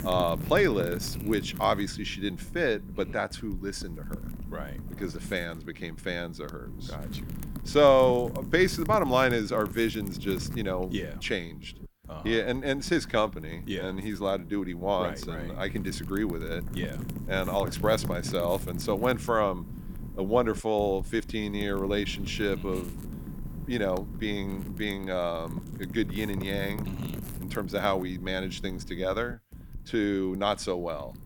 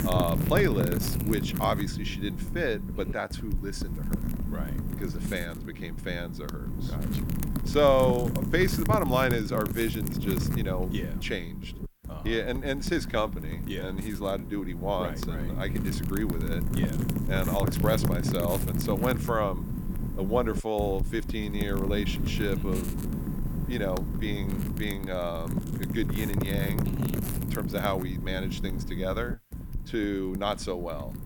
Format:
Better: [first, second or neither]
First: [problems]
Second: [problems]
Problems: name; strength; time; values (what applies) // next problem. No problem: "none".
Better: first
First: wind noise on the microphone; occasional gusts; 20 dB below the speech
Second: wind noise on the microphone; heavy; 9 dB below the speech